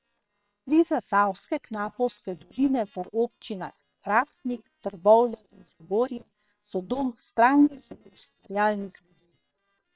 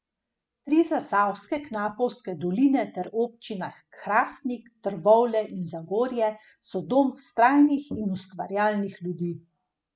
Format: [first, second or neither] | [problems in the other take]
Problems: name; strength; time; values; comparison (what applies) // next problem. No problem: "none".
second | noise reduction (neural separator model SepFormer WHAM!)